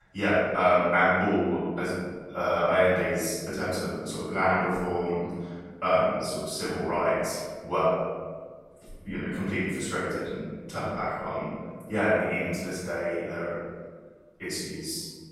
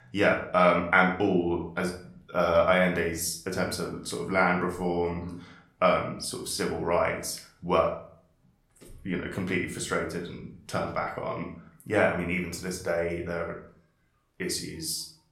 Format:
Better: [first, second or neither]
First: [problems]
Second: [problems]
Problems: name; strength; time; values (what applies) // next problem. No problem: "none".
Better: second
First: room echo; strong; dies away in 1.5 s // off-mic speech; far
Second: room echo; slight; dies away in 0.4 s // off-mic speech; somewhat distant